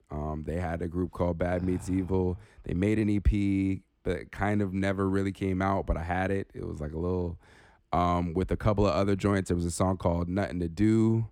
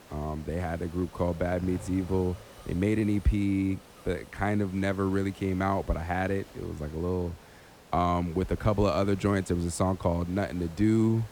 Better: first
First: none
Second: hiss; faint; throughout; 20 dB below the speech

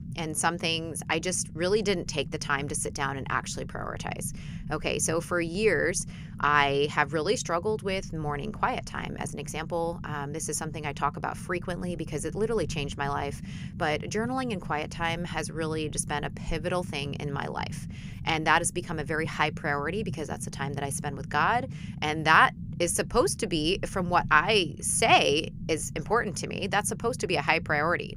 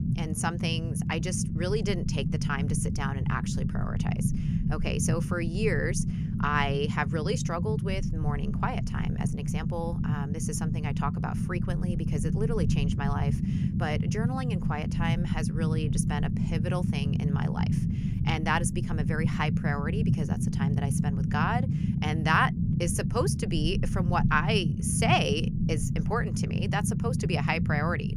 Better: first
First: low rumble; faint; throughout; 20 dB below the speech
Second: low rumble; loud; throughout; 7 dB below the speech

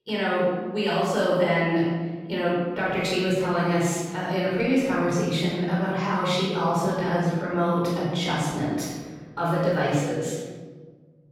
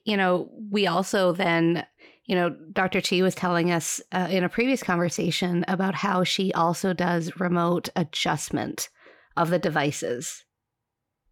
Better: second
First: off-mic speech; far // room echo; strong; dies away in 1.5 s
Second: none

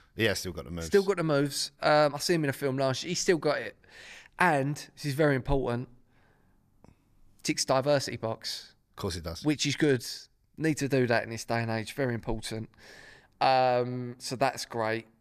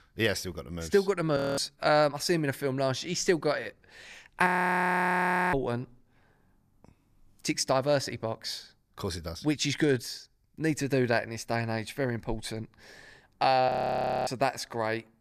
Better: first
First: none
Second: audio freezing; at 1.5 s, at 4.5 s for 1 s and at 14 s for 0.5 s

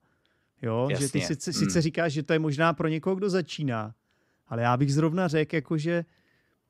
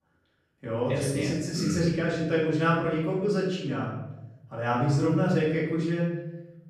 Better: first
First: none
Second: off-mic speech; far // room echo; noticeable; dies away in 0.9 s

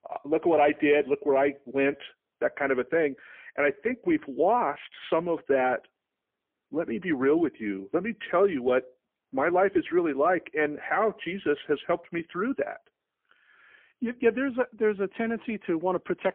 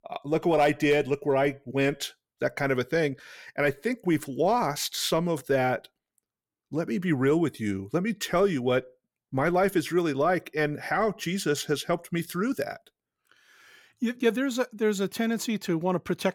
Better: second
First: phone-call audio; poor line; nothing above 3.5 kHz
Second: none

